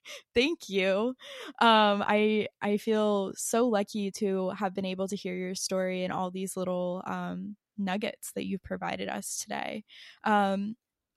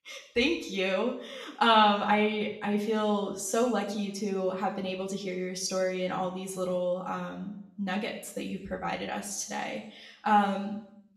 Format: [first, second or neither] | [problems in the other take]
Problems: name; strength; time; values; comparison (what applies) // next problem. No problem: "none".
first | room echo; slight; dies away in 0.7 s // off-mic speech; somewhat distant